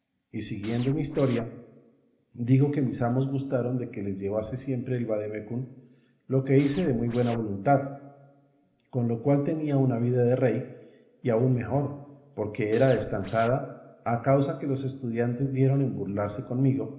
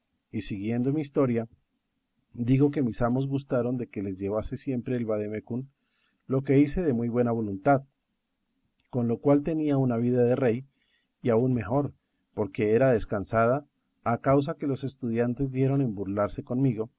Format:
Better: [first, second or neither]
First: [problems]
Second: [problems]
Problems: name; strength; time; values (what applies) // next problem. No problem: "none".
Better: second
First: background sound (Scratching (performance technique)); 18 dB below the speech // room echo; dies away in 1.1 s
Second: none